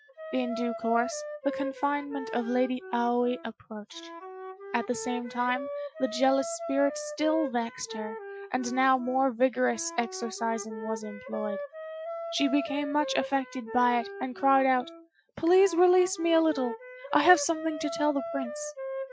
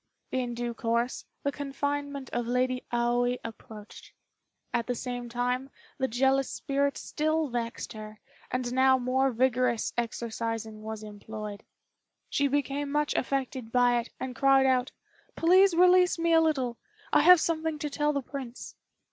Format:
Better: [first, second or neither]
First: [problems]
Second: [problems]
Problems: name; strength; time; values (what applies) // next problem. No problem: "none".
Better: second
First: noise reduction (classical method Wiener filter)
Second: none